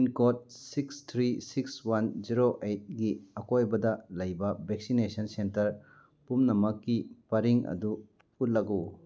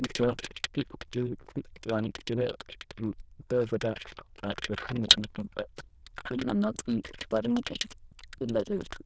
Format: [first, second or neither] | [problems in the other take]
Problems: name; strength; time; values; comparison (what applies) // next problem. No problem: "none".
first | noise reduction (neural diffusion model UNIVERSE++)